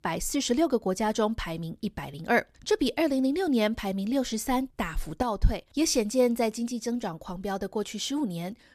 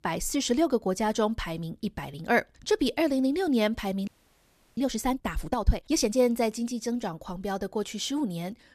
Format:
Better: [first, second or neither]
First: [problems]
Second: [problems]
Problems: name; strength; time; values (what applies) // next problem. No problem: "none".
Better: first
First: none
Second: audio freezing; at 4 s for 0.5 s